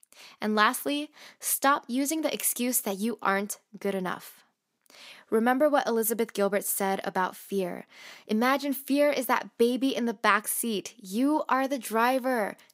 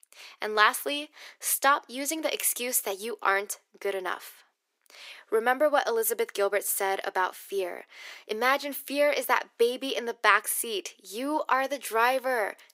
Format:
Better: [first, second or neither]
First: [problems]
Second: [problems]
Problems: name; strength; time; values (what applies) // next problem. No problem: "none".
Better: first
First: none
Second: thin; somewhat; fading below 350 Hz